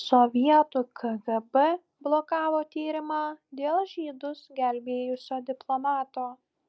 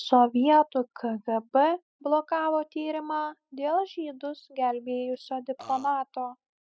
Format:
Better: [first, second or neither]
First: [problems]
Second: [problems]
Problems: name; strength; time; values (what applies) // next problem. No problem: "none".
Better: first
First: none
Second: noise reduction (classical method spectral subtraction)